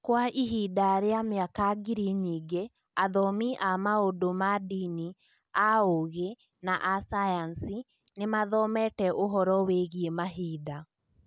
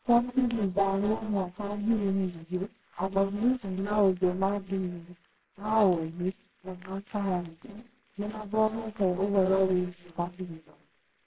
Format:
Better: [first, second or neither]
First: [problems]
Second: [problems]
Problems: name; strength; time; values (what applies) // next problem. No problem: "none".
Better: first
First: none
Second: noise reduction (neural separator model SepFormer WHAMR!)